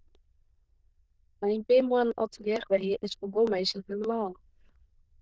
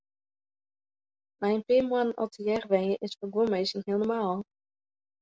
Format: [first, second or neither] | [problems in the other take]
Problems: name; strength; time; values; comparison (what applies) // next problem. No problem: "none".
second | noise reduction (neural diffusion model UNIVERSE++)